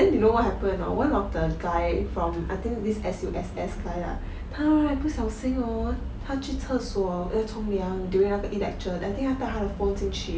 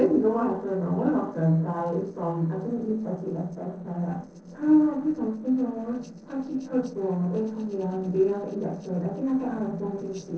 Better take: first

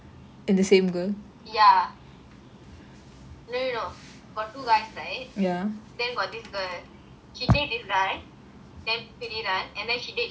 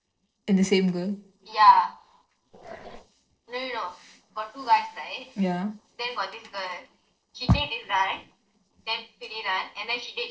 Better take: first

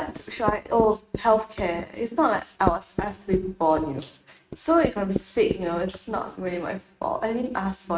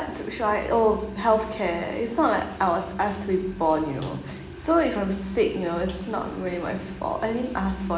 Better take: second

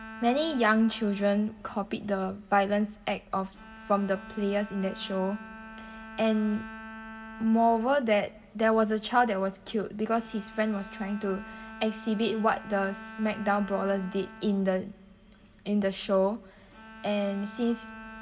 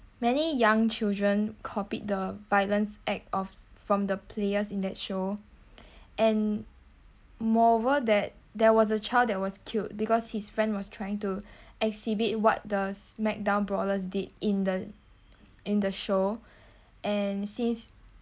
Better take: second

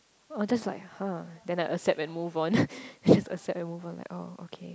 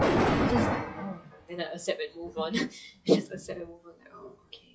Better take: first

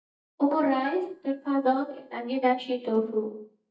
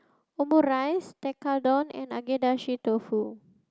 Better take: second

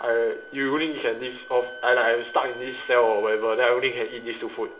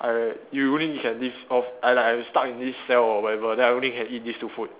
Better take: second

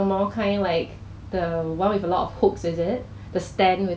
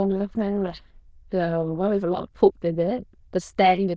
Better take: first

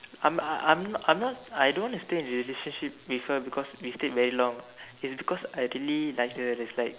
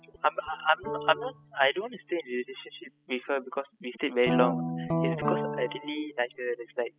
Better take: first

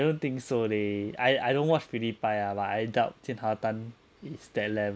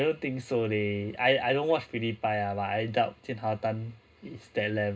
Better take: first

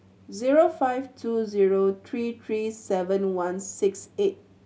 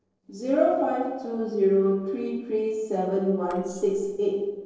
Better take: first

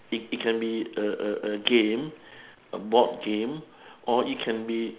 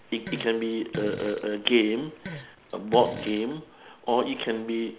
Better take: first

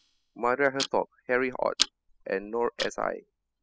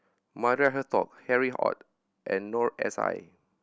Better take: second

